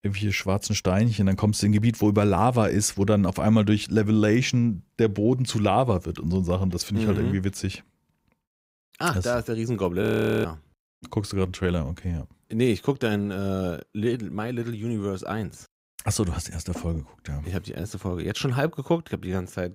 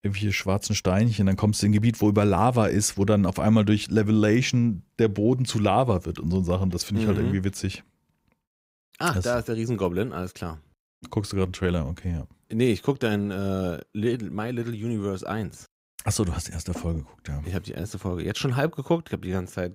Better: second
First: audio freezing; at 10 s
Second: none

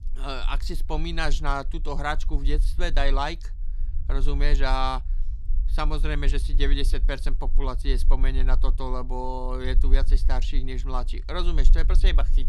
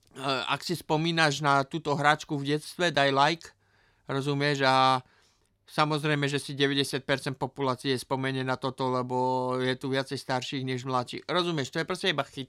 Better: second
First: low rumble; faint; throughout; 20 dB below the speech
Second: none

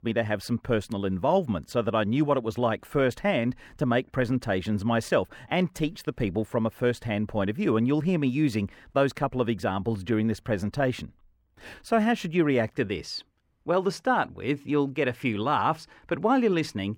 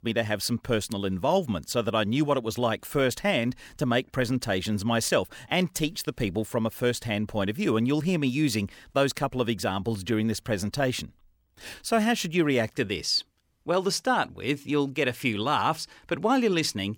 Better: second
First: muffled; slightly; fading above 3 kHz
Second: none

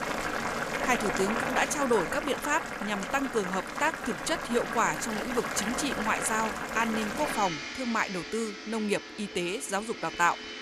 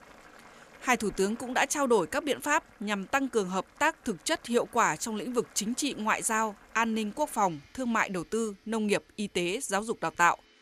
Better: second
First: household noises; loud; throughout; 4 dB below the speech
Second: household noises; faint; throughout; 25 dB below the speech

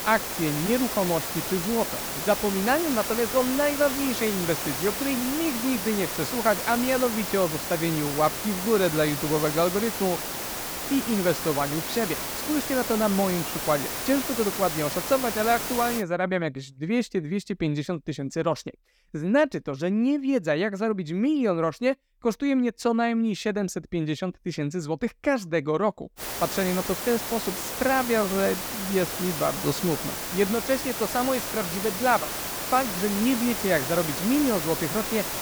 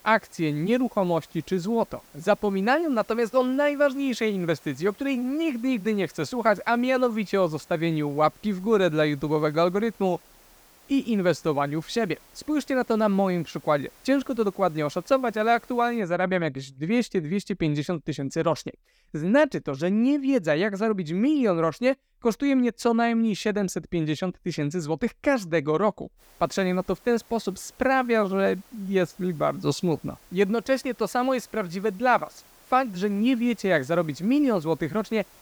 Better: second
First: hiss; loud; until 16 s and from 26 s on; 3 dB below the speech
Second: hiss; faint; until 16 s and from 26 s on; 25 dB below the speech

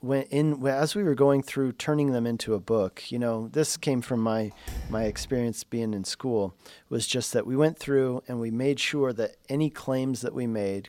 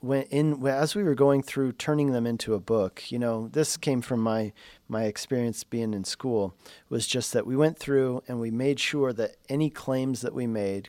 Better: second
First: door banging; faint; at 4.5 s; peak 10 dB below the speech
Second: none

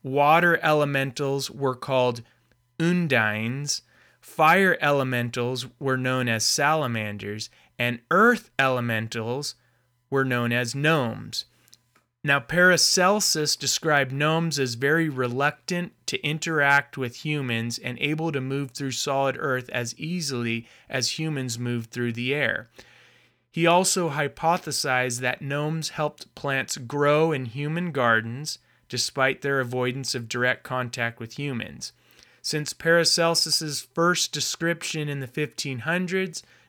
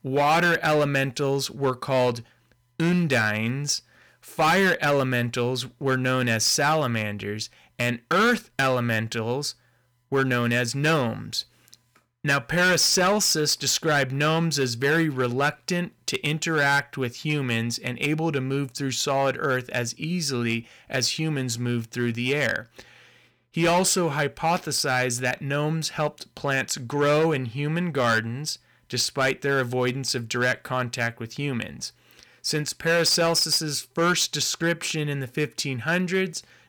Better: first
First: none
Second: distortion; slight; 6% of the sound clipped

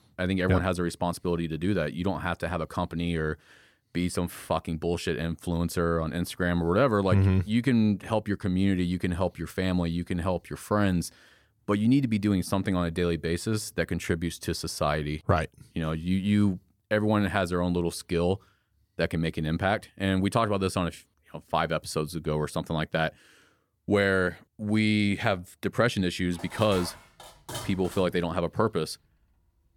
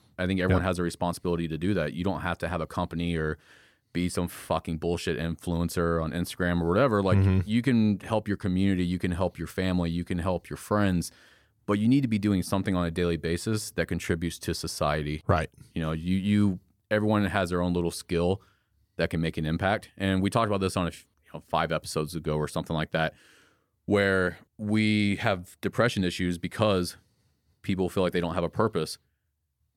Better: second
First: clattering dishes; faint; from 26 to 28 s; peak 10 dB below the speech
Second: none

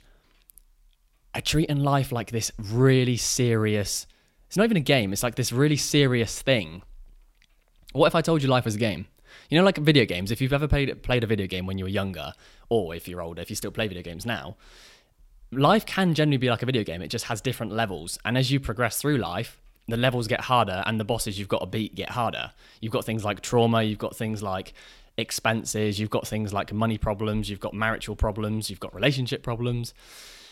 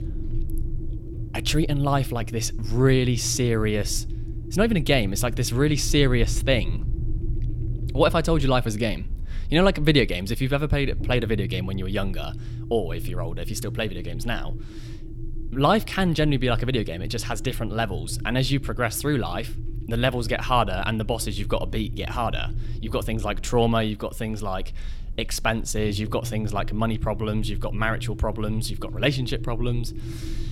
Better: first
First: none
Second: low rumble; noticeable; throughout; 20 dB below the speech

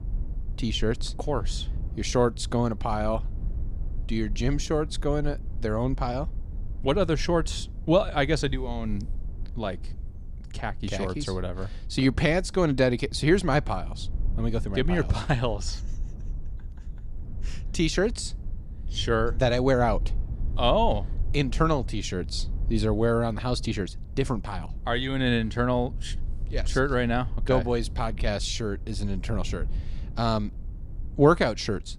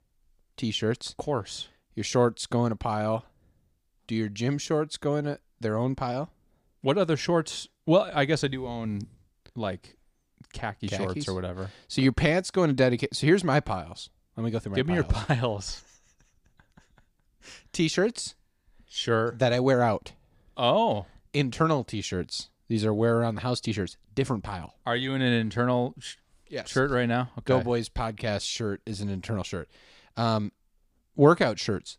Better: second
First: low rumble; faint; throughout; 25 dB below the speech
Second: none

